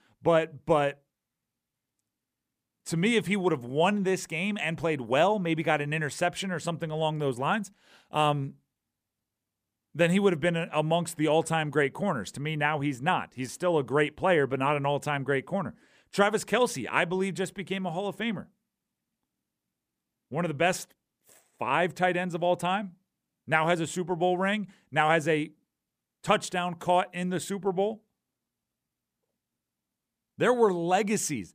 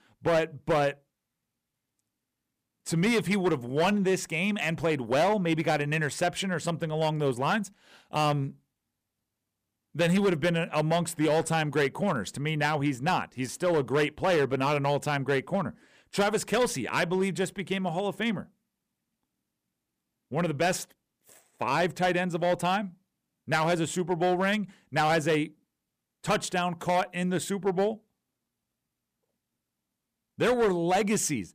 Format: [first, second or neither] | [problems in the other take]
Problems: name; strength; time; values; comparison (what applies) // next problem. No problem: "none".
first | distortion; slight; 5% of the sound clipped